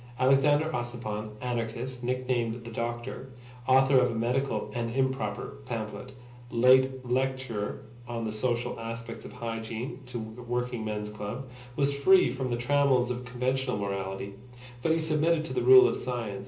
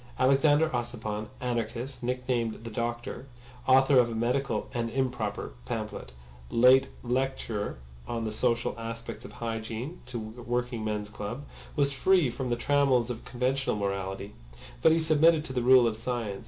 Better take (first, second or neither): second